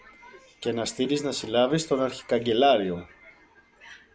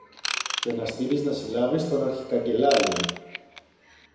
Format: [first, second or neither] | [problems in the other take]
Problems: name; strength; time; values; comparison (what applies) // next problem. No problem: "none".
first | background sound (Ratchet, pawl / Tools); 7 dB below the speech // room echo; dies away in 0.9 s